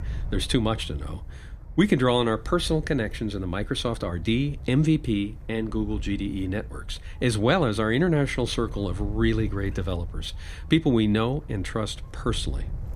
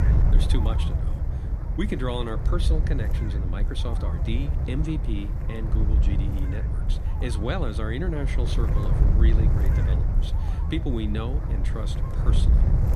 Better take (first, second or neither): first